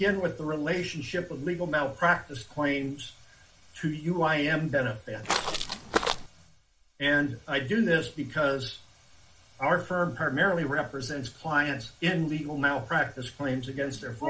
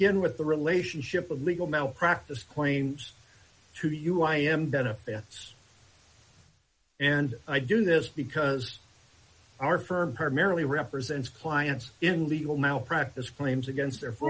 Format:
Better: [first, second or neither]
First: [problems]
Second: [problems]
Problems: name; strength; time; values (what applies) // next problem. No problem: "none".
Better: second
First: background sound (Walk, footsteps); as loud as the speech // room echo; dies away in 0.3 s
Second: none